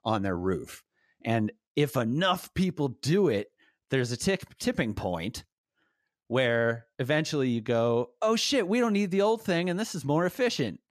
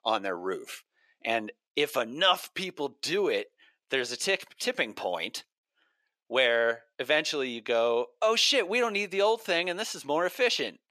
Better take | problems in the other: first | thin; somewhat; fading below 500 Hz

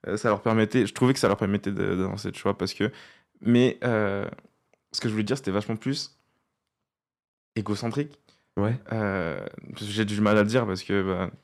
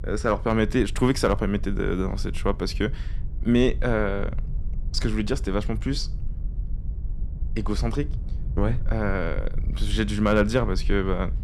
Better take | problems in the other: first | low rumble; faint; throughout; 20 dB below the speech

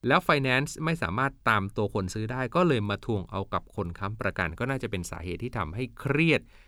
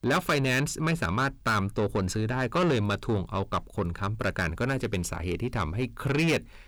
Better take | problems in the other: first | distortion; heavy; 8 dB below the speech

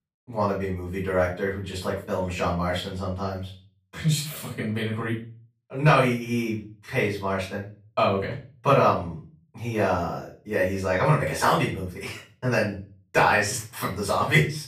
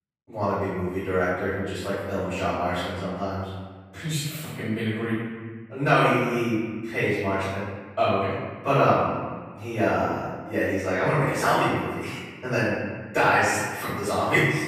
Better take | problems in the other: first | room echo; strong; dies away in 1.4 s; slight in the first // off-mic speech; far; far in the first

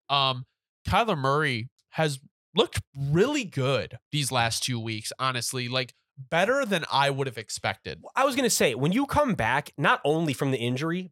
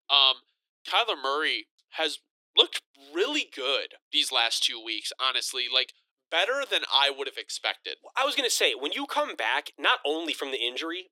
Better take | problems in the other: first | thin; somewhat; fading below 300 Hz

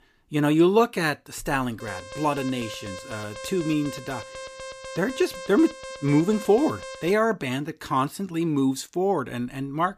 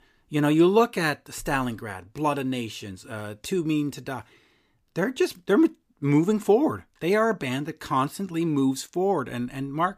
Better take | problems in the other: second | alarm; faint; from 2 to 7 s; peak 15 dB below the speech

